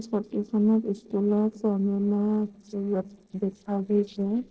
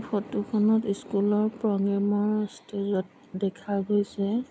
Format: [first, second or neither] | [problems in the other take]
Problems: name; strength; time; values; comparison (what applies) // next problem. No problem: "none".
second | noise reduction (neural separator model SepFormer DNS4)